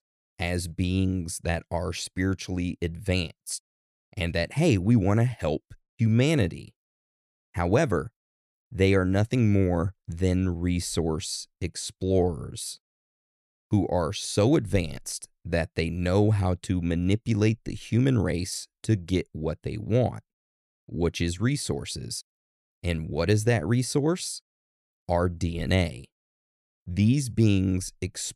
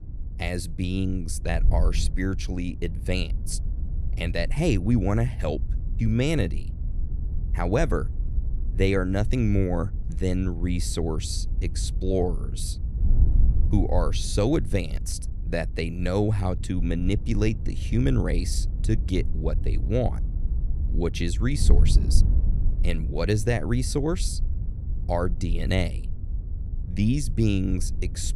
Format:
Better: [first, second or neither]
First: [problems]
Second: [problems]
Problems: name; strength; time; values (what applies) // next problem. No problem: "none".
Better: first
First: none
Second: wind noise on the microphone; occasional gusts; 15 dB below the speech